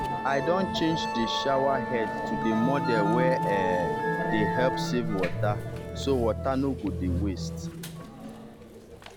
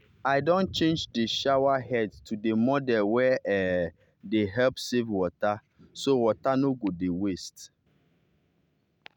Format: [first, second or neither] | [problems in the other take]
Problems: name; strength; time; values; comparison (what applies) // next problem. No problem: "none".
second | background sound (Musical instrument); 1 dB below the speech